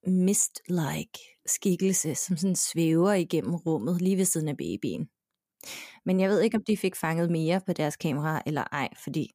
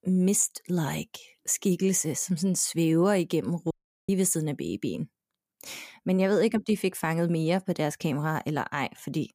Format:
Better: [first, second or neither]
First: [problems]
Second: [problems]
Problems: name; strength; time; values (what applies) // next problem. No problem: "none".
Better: first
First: none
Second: audio cutting out; at 3.5 s